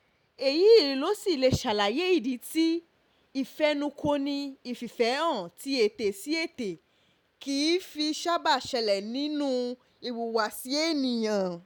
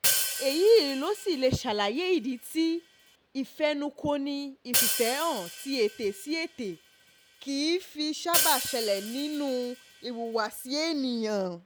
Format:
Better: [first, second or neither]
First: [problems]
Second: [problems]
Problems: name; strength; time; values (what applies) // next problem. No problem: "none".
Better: first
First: none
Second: background sound (Hi-hat); 5 dB below the speech